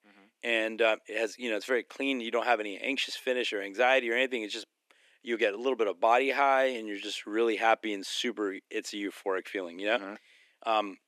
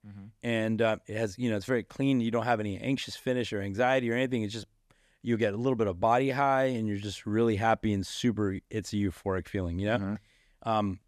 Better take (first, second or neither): second